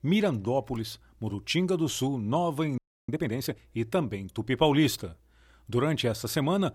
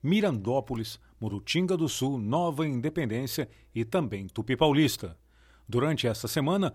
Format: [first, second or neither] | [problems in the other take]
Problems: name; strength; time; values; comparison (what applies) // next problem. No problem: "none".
second | audio freezing; at 3 s